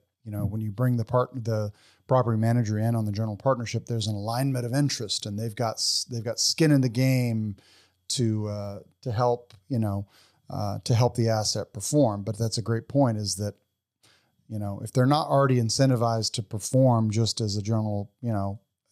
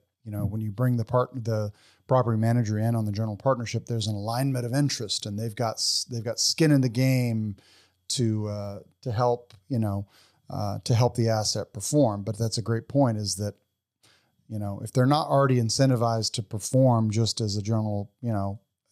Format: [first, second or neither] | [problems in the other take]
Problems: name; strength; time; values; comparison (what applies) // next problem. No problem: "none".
neither | none